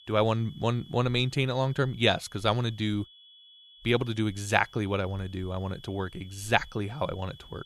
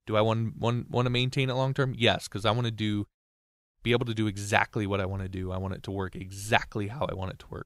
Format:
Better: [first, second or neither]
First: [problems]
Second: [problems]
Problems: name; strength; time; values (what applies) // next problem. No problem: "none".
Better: second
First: high-pitched whine; faint; throughout; 3.5 kHz, 25 dB below the speech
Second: none